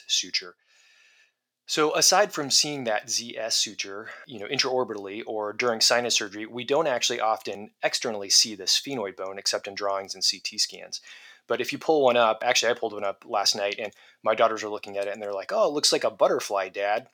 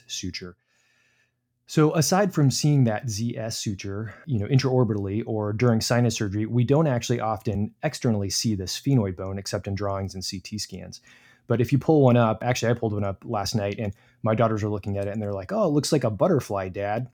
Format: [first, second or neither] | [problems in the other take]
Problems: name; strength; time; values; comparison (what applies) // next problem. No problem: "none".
second | thin; very; fading below 550 Hz